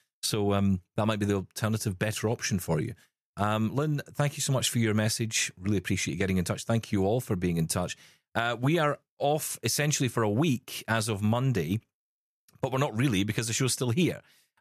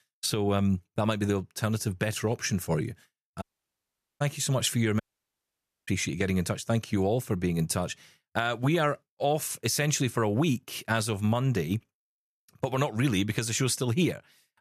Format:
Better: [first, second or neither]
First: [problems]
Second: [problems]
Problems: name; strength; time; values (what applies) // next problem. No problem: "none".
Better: first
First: none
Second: audio cutting out; at 3.5 s for 1 s and at 5 s for 1 s